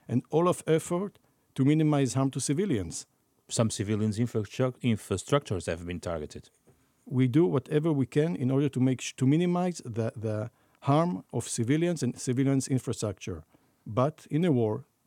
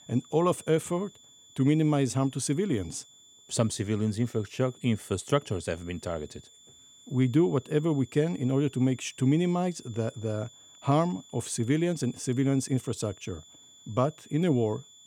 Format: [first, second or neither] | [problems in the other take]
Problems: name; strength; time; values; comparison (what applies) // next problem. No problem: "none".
first | high-pitched whine; faint; throughout; 3.5 kHz, 25 dB below the speech